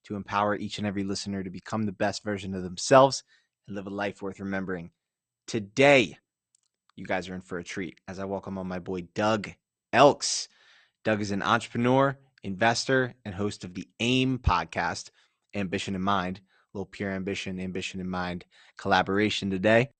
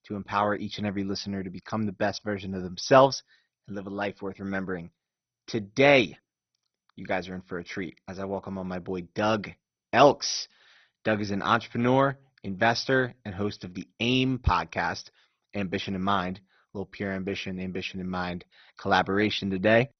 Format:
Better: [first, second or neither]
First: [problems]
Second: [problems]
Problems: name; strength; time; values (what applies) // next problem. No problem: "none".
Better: first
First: garbled, watery; slightly; nothing above 8.5 kHz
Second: garbled, watery; badly; nothing above 6 kHz